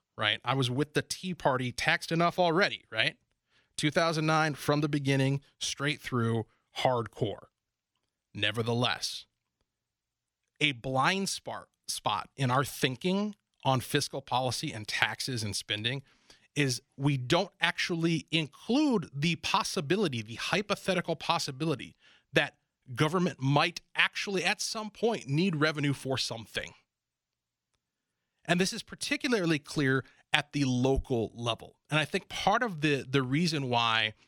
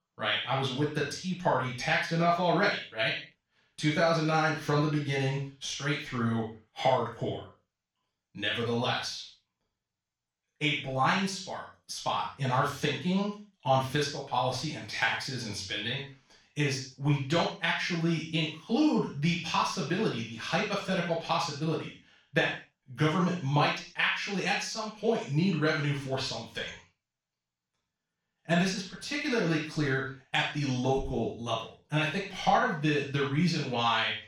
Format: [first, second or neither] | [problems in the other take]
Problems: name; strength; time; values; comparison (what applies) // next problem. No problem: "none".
first | room echo; noticeable; dies away in 0.4 s // off-mic speech; far